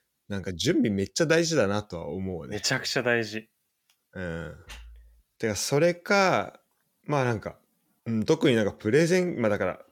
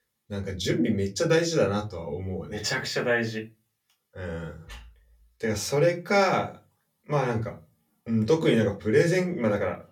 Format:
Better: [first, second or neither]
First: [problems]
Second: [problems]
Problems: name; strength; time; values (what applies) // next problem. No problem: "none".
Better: first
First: none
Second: off-mic speech; somewhat distant // room echo; very slight; dies away in 0.2 s